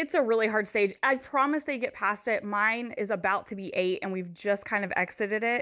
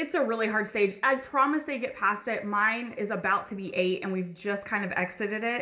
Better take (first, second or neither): first